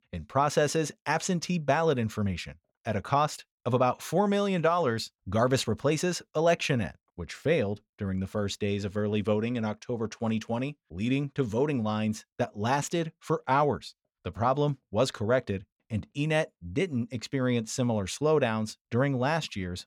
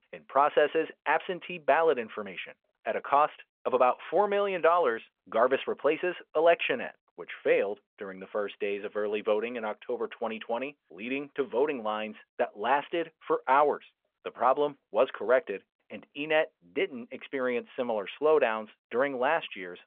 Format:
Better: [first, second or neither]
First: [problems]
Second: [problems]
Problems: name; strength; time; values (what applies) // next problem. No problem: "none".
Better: first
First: none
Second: phone-call audio